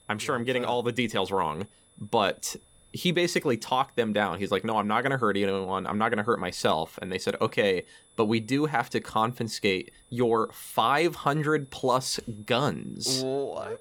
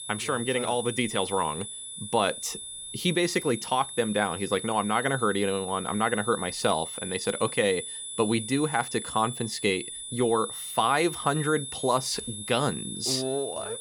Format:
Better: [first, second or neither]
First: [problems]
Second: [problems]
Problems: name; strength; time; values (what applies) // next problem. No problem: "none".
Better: first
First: high-pitched whine; faint; throughout; 10.5 kHz, 30 dB below the speech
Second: high-pitched whine; loud; throughout; 10.5 kHz, 8 dB below the speech